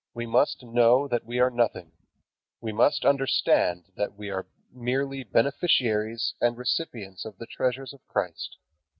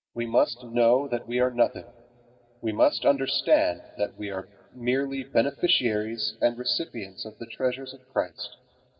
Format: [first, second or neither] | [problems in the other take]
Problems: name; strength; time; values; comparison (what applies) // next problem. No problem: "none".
first | room echo; dies away in 2.1 s